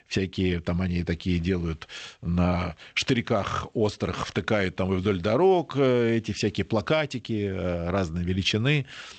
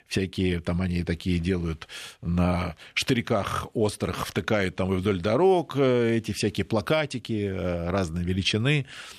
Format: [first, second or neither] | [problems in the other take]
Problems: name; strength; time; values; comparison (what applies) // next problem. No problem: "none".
second | garbled, watery; slightly; nothing above 7.5 kHz